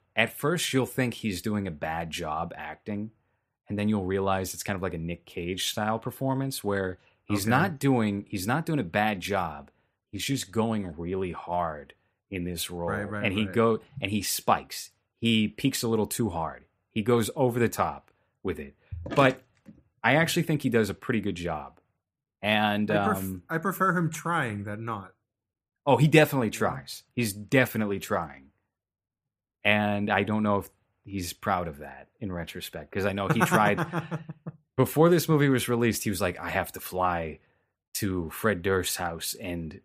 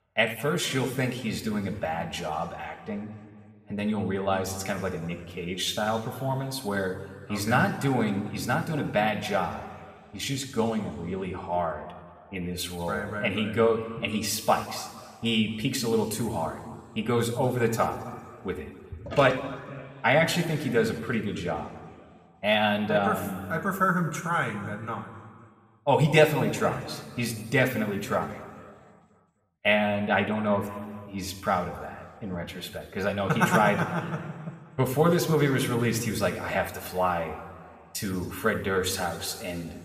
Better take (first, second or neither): first